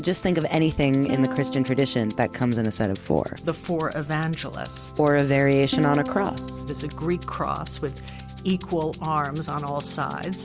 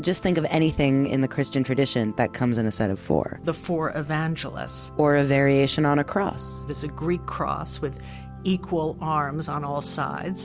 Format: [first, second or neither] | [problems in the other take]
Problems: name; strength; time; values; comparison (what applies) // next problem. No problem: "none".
second | background sound (Rattle (instrument) + Plucked string instrument); 12 dB below the speech